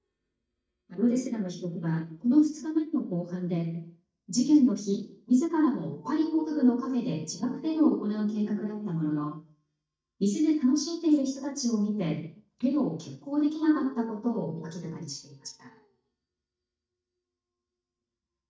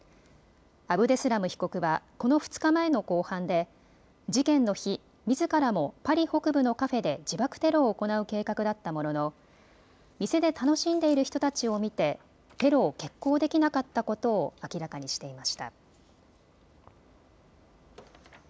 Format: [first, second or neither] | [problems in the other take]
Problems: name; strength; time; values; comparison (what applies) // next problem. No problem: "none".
second | noise reduction (neural mask model DeepFilterNet 3)